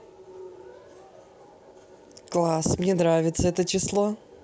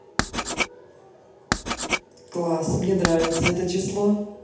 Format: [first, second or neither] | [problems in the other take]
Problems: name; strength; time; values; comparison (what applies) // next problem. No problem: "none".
first | background sound (Writing); 4 dB below the speech // room echo; dies away in 0.8 s